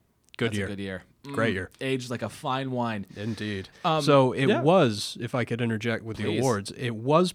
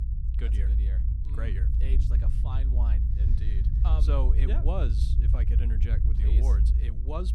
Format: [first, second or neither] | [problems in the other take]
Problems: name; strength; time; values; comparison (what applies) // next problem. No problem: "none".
first | low rumble; loud; throughout; 3 dB below the speech